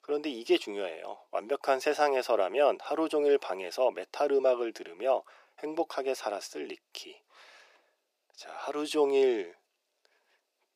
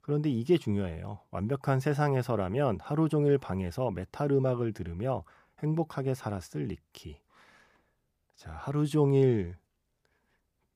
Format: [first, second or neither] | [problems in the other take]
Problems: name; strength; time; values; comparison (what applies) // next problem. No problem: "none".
second | thin; very; fading below 350 Hz